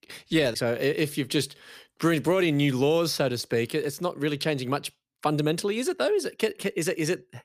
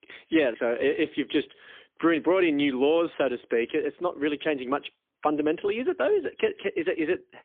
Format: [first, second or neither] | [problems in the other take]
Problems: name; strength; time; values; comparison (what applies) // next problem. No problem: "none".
first | phone-call audio; poor line; nothing above 3.5 kHz